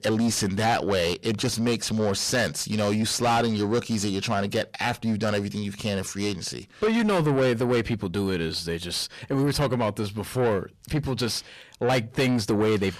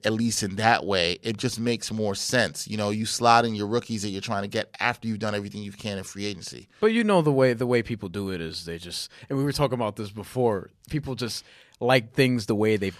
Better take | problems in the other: second | distortion; heavy; 6 dB below the speech

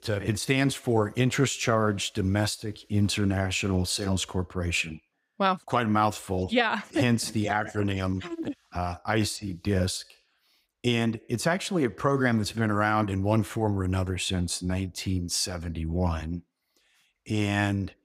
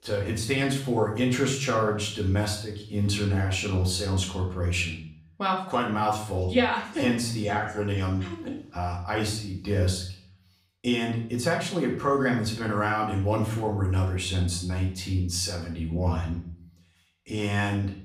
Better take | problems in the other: first | room echo; slight; dies away in 0.5 s // off-mic speech; far

